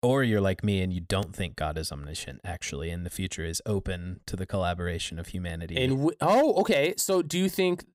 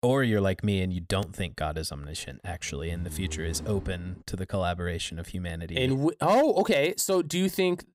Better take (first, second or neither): first